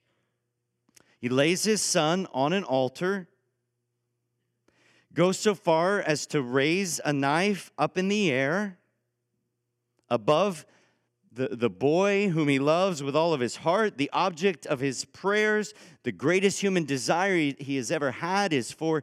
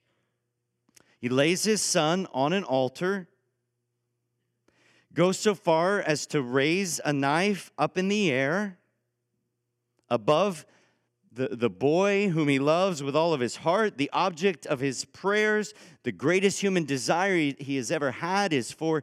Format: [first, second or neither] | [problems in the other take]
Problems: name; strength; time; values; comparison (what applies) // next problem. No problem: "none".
neither | none